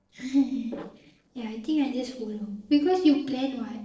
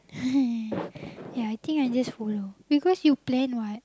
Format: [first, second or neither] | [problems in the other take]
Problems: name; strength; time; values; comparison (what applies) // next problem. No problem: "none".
second | noise reduction (neural separator model SepFormer DNS4)